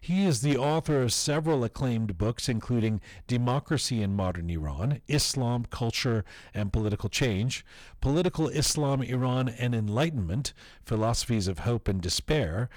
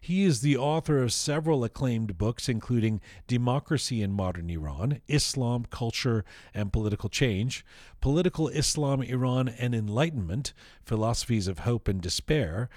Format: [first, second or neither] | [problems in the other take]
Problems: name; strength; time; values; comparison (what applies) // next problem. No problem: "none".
second | distortion; slight; 9% of the sound clipped